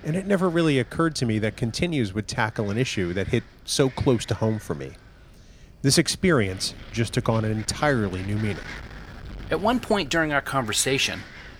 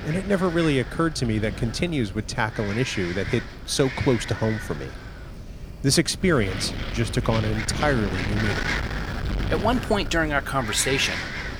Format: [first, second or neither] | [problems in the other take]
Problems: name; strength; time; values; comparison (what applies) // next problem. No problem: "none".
first | wind noise on the microphone; heavy; 6 dB below the speech; occasional gusts in the first